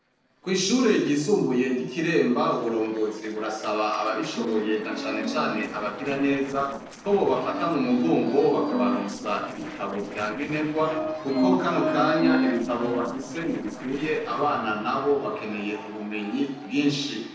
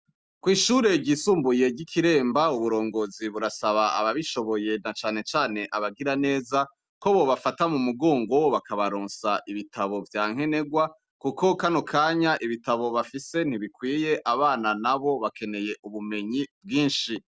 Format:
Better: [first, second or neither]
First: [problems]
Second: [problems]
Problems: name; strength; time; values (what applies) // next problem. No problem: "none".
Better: second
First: noise reduction (neural separator model SepFormer DNS4)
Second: none